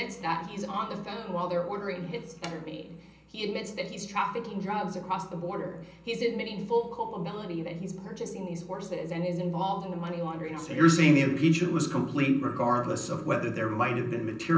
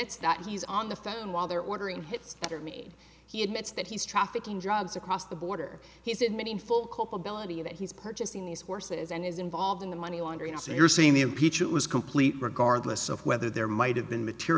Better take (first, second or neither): second